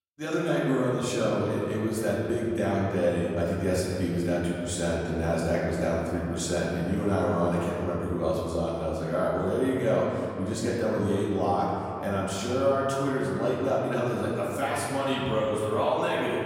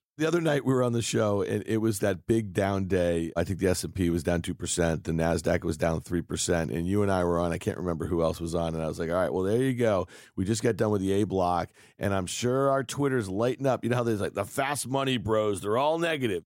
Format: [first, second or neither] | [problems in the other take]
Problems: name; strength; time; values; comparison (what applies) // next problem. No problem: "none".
second | off-mic speech; far // room echo; noticeable; dies away in 2.2 s